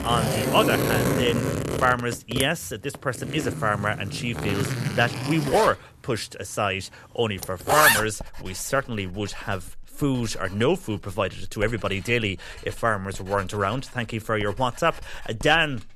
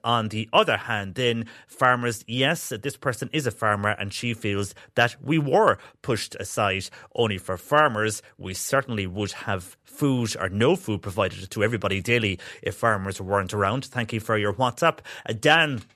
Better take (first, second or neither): second